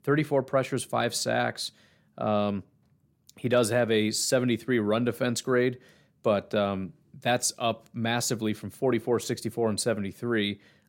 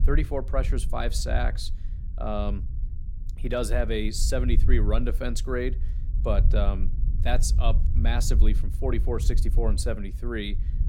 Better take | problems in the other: first | low rumble; noticeable; throughout; 15 dB below the speech

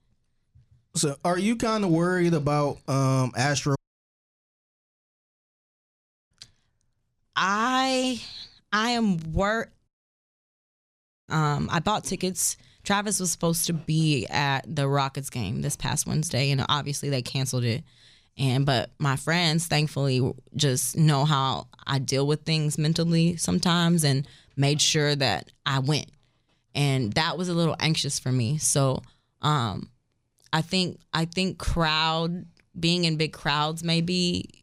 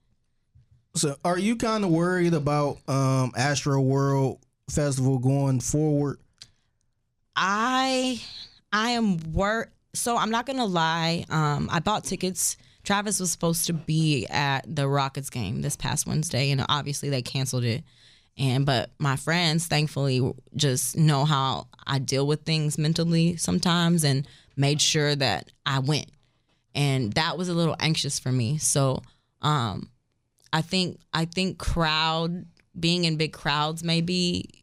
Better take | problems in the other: second | audio cutting out; at 4 s for 2.5 s and at 10 s for 1.5 s

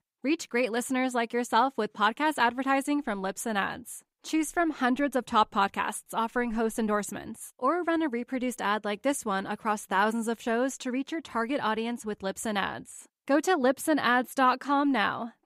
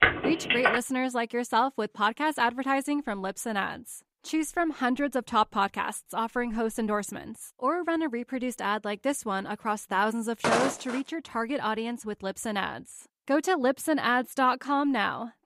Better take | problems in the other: first | phone ringing; loud; at the start; peak 5 dB above the speech // footsteps; loud; at 10 s; peak 2 dB above the speech

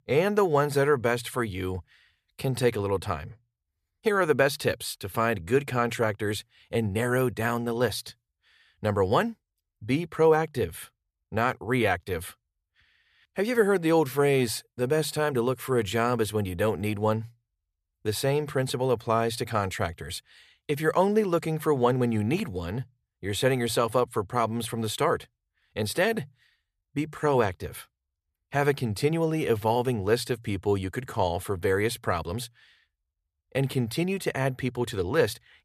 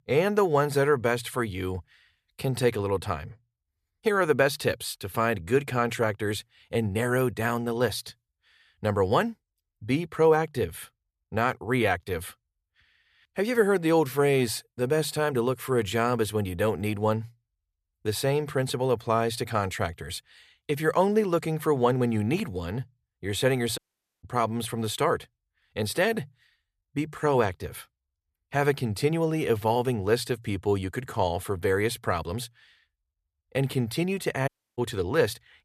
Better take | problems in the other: first | audio cutting out; at 24 s and at 34 s

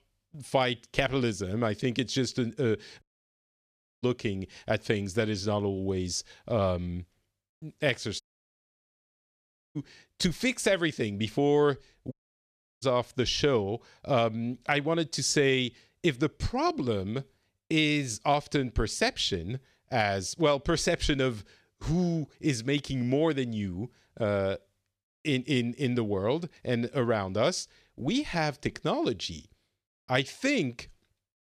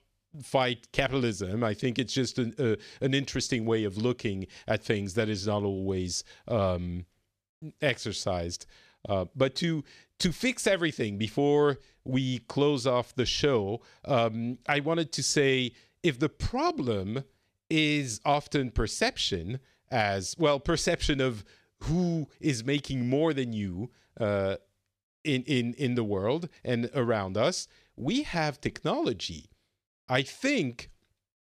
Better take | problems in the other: second | audio cutting out; at 3 s for 1 s, at 8 s for 1.5 s and at 12 s for 0.5 s

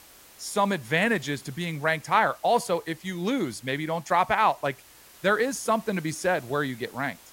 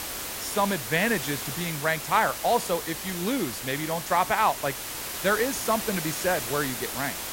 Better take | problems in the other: first | hiss; loud; throughout; 5 dB below the speech; faint in the first

